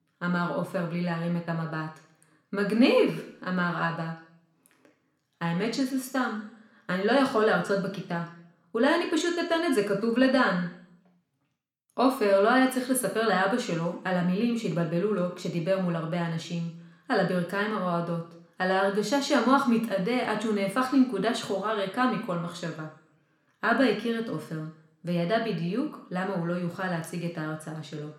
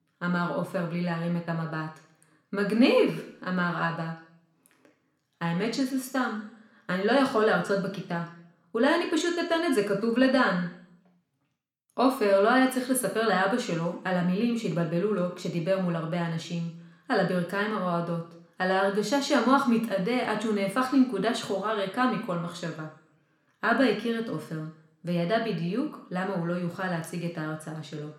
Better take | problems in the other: neither | room echo; slight; dies away in 0.6 s; the same in both

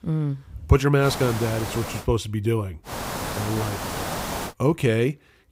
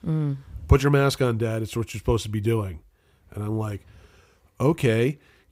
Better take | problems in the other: second | hiss; loud; at 1 s and from 3 to 4.5 s; 7 dB below the speech

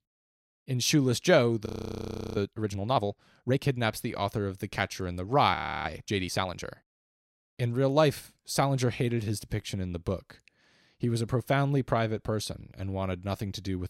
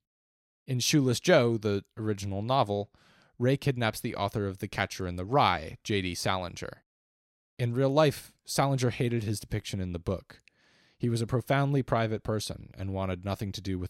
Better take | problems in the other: second | audio freezing; at 1.5 s for 0.5 s and at 5.5 s

